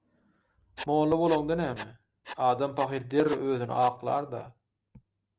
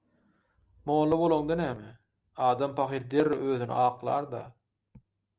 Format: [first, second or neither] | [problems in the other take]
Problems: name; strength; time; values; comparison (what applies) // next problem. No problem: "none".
second | background sound (Writing); 17 dB below the speech